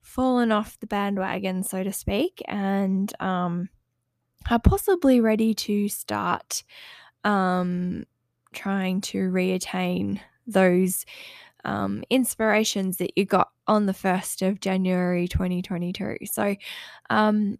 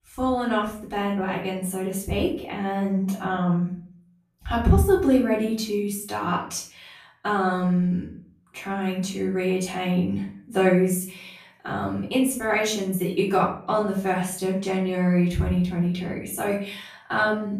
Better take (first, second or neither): first